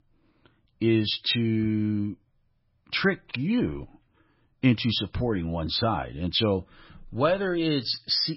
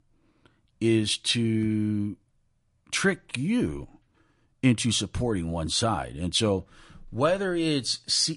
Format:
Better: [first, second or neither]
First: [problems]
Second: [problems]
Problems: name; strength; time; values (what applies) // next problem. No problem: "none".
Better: second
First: garbled, watery; badly; nothing above 5.5 kHz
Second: garbled, watery; slightly; nothing above 10.5 kHz